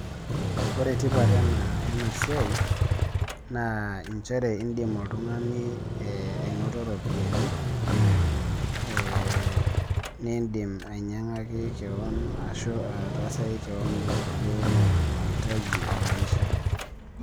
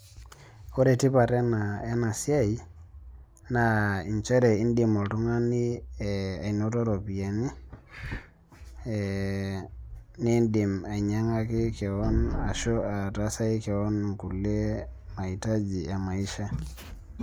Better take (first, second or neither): second